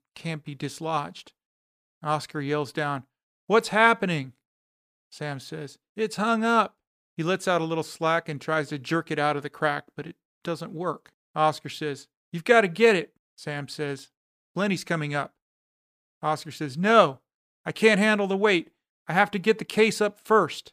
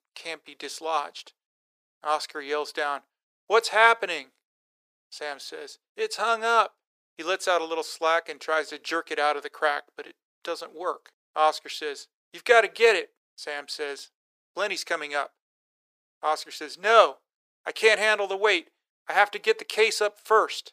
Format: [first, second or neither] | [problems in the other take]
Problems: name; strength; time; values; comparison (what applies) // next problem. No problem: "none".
first | thin; very; fading below 400 Hz